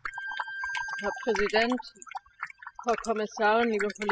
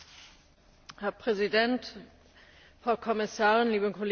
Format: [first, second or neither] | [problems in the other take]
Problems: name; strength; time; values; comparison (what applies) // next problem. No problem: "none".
second | noise reduction (classical method spectral subtraction)